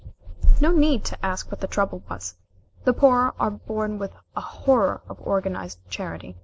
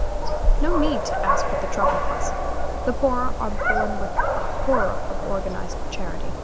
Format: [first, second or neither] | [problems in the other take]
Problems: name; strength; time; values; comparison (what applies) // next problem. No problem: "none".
first | background sound (Dog); 3 dB above the speech